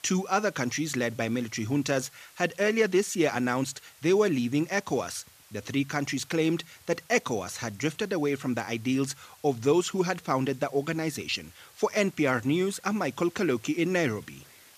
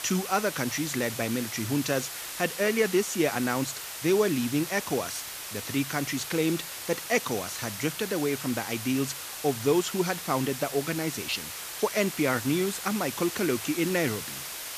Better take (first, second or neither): first